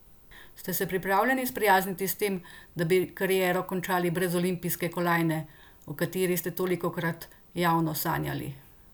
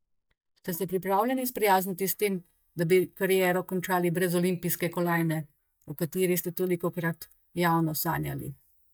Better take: first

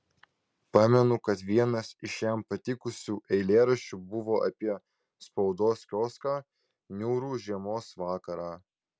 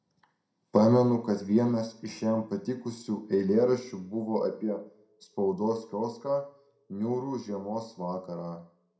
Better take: first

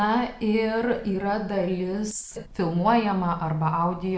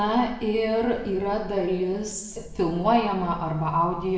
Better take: first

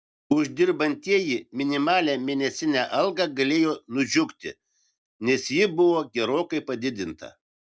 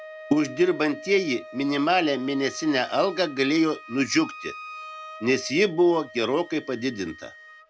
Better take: first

